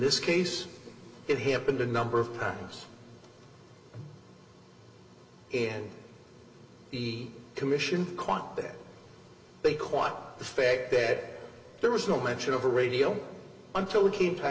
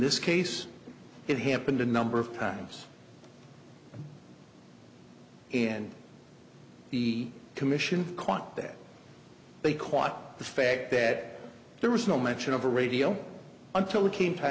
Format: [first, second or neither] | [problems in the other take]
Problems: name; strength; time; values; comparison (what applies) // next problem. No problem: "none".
second | room echo; dies away in 2.8 s